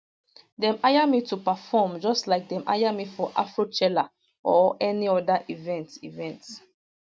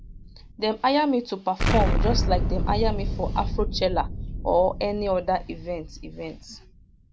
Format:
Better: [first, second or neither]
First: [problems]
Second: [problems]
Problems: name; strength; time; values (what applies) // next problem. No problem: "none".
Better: first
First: none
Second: background sound (Explosion); 1 dB below the speech